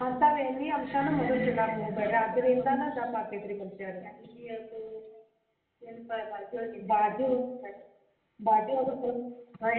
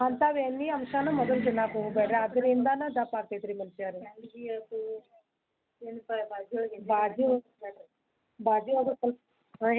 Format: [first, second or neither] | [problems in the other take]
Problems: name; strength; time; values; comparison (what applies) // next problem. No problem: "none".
second | room echo; dies away in 0.8 s